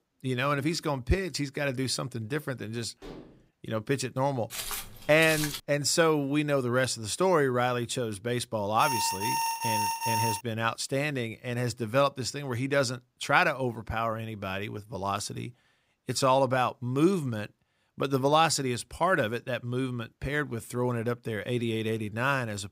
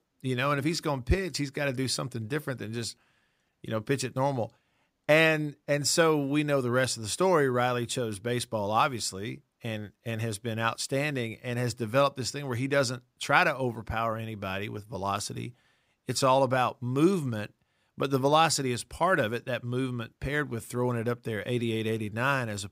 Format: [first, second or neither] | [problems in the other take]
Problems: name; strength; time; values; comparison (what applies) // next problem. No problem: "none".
second | clattering dishes; faint; at 3 s; peak 15 dB below the speech // footsteps; noticeable; from 4.5 to 5.5 s; peak 4 dB below the speech // alarm; loud; from 9 to 10 s; peak level with the speech